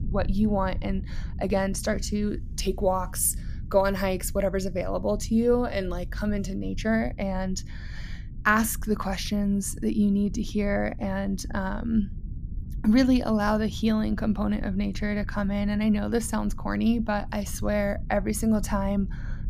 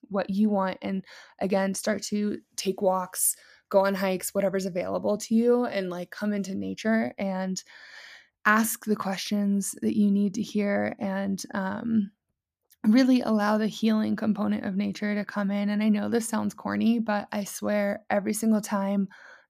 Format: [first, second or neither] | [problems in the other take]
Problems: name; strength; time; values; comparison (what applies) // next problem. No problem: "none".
second | low rumble; faint; throughout; 25 dB below the speech